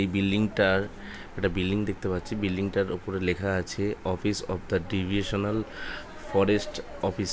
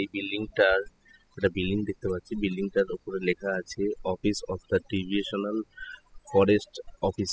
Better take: first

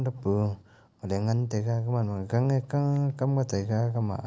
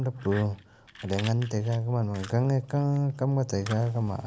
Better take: first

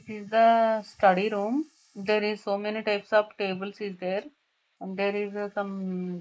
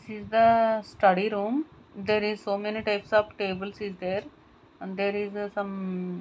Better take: second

